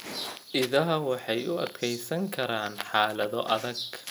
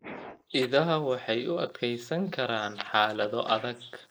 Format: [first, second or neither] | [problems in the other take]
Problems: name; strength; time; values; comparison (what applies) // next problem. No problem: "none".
first | noise reduction (neural mask model Resemble Enhance denoiser)